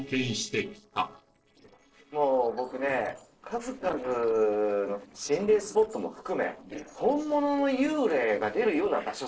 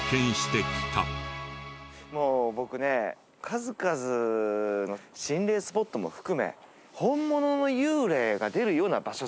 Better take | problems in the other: second | noise reduction (neural separator model SepFormer DNS4)

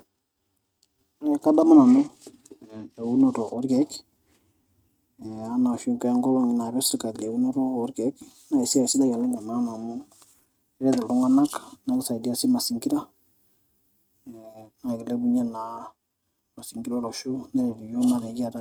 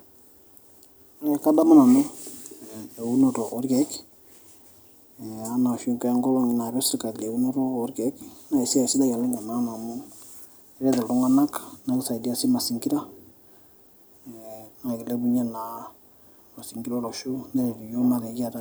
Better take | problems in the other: second | noise reduction (neural mask model RNNoise)

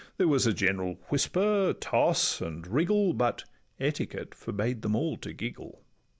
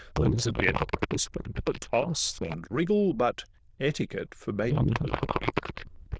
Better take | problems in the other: first | noise reduction (neural diffusion model UNIVERSE++)

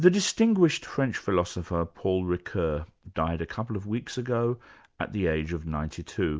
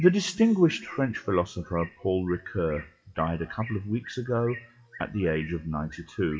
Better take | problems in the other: first | noise reduction (classical method WPE with log-MMSE)

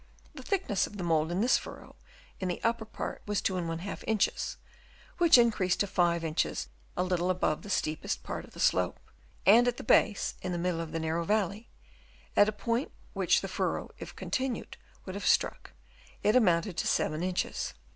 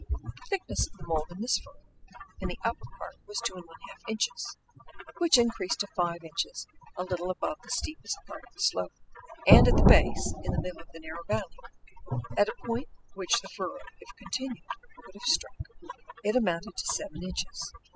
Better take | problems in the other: first | noise reduction (classical method spectral subtraction)

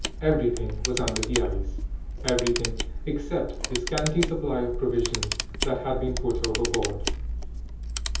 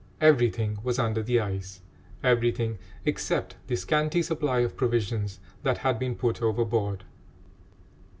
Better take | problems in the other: second | background sound (Camera); 2 dB below the speech // room echo; dies away in 0.5 s

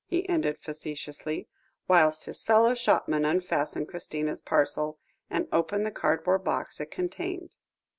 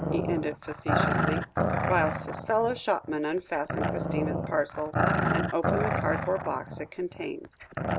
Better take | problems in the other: first | background sound (Growling); 1 dB above the speech

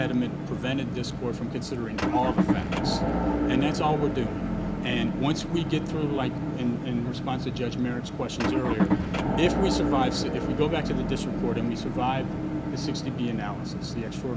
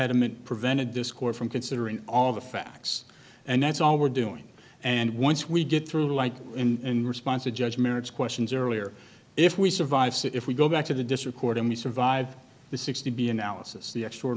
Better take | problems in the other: second | background sound (Motor vehicle (road) / Engine); 1 dB above the speech

